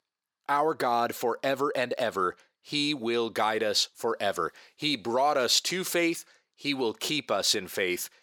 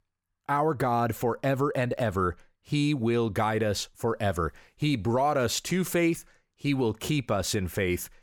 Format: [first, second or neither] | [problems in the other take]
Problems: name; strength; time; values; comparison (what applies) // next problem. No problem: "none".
second | thin; somewhat; fading below 350 Hz